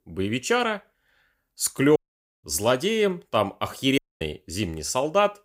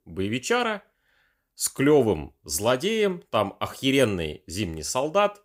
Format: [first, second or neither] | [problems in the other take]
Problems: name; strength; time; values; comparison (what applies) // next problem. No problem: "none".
second | audio cutting out; at 2 s and at 4 s